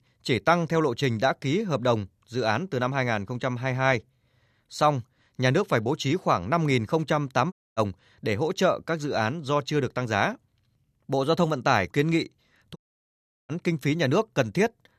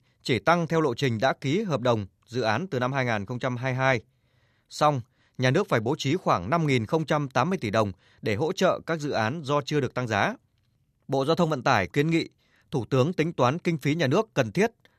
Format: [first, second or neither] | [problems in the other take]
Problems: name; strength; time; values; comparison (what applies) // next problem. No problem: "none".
second | audio cutting out; at 7.5 s and at 13 s for 0.5 s